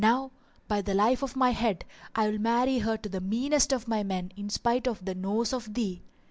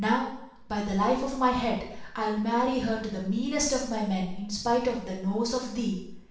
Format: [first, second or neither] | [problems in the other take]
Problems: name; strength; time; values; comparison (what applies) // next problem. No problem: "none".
first | room echo; dies away in 0.7 s